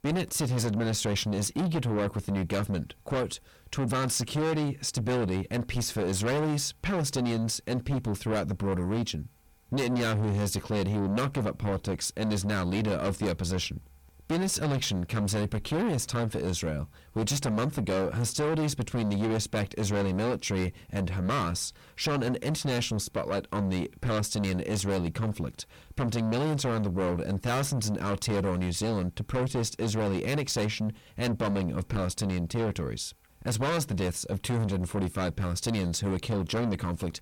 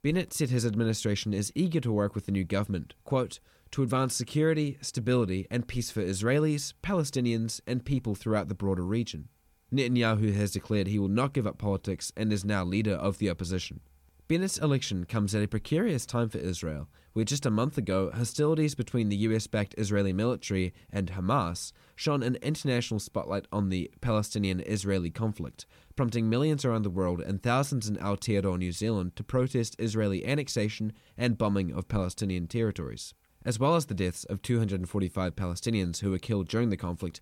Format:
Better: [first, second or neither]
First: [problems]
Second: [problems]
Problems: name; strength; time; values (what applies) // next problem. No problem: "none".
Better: second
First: distortion; heavy; 6 dB below the speech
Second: none